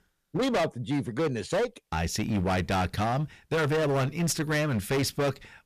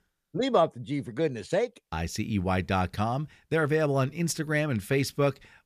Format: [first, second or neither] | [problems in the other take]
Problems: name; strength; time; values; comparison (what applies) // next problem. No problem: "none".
second | distortion; heavy; 20% of the sound clipped